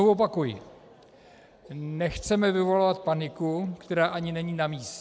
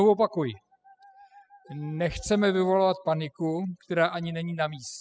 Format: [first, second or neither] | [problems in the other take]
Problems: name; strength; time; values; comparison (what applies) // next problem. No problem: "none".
first | noise reduction (classical method spectral subtraction)